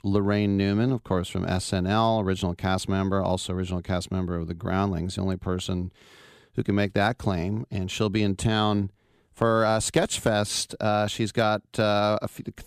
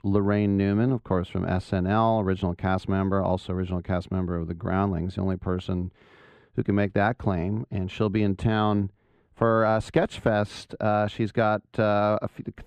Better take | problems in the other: first | muffled; slightly; fading above 4 kHz

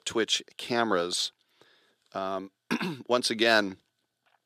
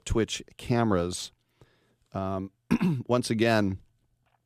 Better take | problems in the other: second | thin; somewhat; fading below 350 Hz

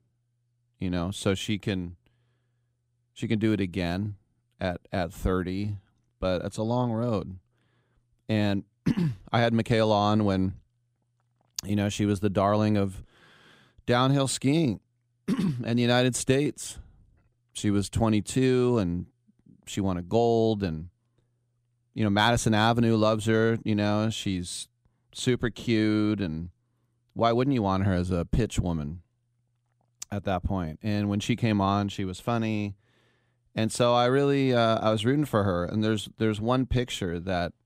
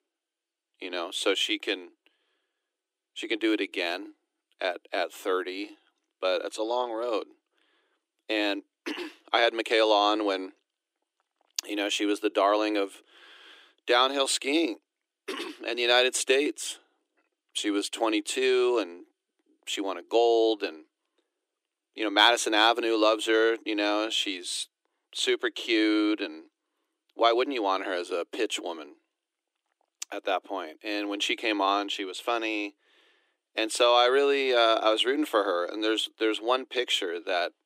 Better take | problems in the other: first | thin; very; fading below 300 Hz

